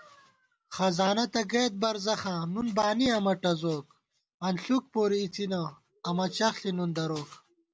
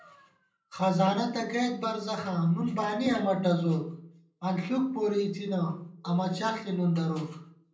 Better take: first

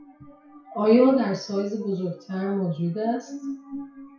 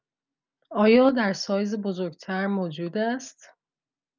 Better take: second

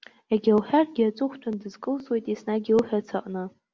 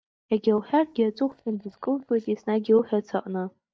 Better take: first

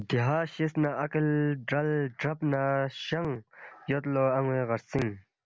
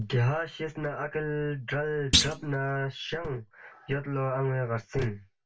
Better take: first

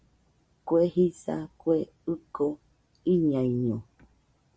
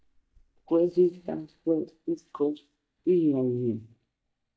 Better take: first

